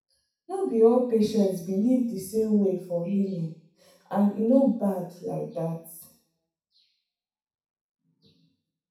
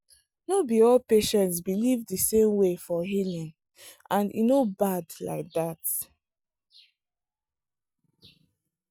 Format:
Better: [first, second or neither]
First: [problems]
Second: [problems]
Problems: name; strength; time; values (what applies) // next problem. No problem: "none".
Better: second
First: room echo; dies away in 0.6 s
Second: none